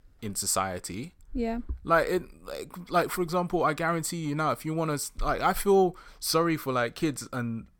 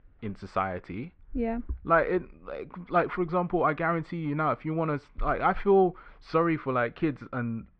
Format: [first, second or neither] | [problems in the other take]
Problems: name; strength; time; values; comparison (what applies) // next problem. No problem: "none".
first | muffled; very; fading above 2.5 kHz